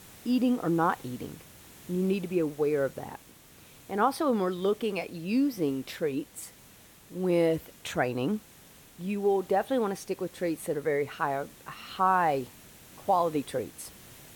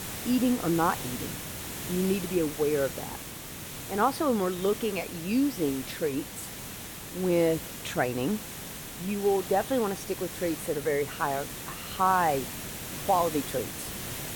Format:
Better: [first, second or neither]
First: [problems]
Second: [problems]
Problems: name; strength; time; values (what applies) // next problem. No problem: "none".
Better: first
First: hiss; faint; throughout; 20 dB below the speech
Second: hiss; loud; throughout; 8 dB below the speech